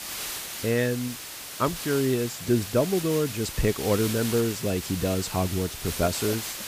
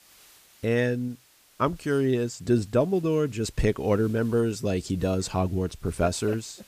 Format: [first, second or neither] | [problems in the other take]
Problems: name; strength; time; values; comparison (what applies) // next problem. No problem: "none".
second | hiss; loud; throughout; 7 dB below the speech; faint in the second